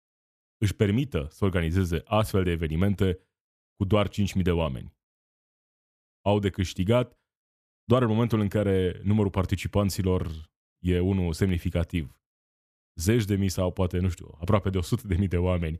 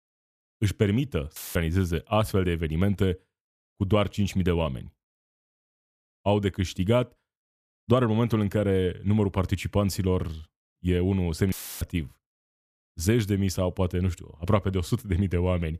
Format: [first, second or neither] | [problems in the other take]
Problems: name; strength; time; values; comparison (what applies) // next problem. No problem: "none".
first | audio cutting out; filled with static; at 1.5 s and at 12 s